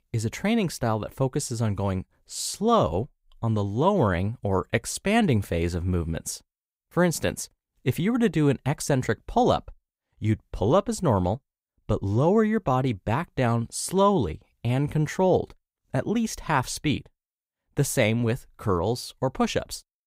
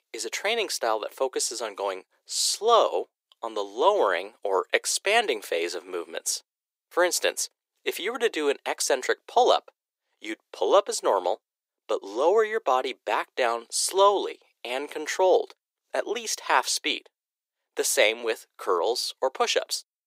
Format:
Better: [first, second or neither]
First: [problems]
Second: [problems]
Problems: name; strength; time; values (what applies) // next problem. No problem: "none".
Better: first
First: none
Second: thin; very; fading below 350 Hz